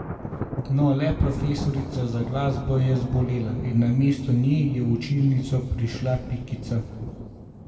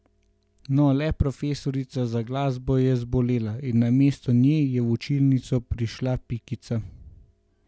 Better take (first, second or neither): second